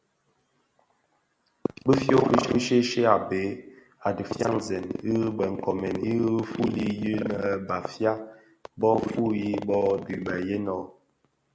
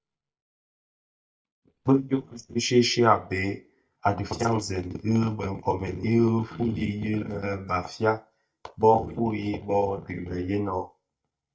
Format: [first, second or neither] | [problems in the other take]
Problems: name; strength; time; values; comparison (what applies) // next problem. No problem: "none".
first | noise reduction (neural mask model DeepFilterNet 3)